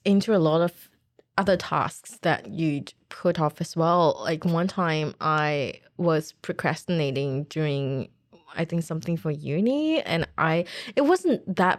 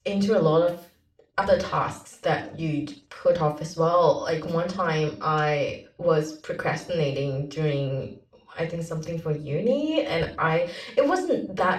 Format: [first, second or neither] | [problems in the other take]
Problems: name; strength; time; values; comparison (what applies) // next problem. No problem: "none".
first | room echo; slight; dies away in 0.4 s // off-mic speech; far